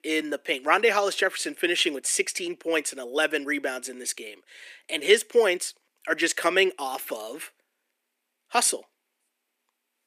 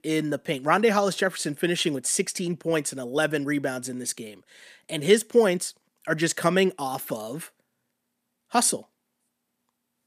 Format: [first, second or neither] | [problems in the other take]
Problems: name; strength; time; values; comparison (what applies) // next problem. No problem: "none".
second | thin; somewhat; fading below 350 Hz